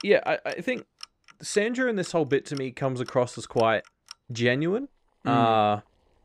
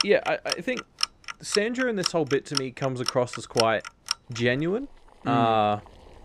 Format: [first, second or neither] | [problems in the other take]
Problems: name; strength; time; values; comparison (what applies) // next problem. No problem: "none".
first | household noises; loud; throughout; 5 dB below the speech; faint in the first